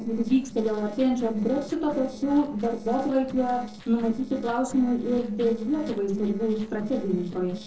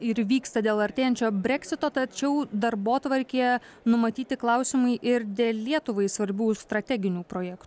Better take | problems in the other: second | noise reduction (neural separator model SepFormer DNS4)

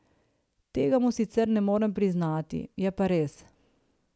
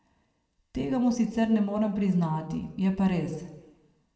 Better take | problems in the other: first | room echo; dies away in 0.7 s

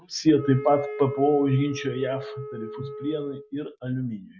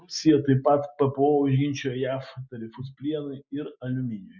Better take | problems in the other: second | background sound (Wind instrument, woodwind instrument); 11 dB below the speech

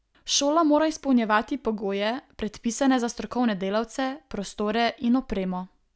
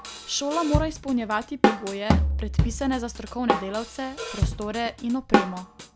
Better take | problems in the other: first | background sound (Drum kit); 3 dB above the speech

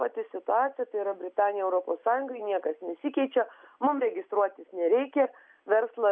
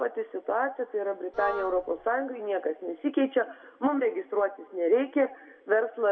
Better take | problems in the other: first | background sound (Wind instrument, woodwind instrument); 10 dB below the speech // room echo; dies away in 0.7 s

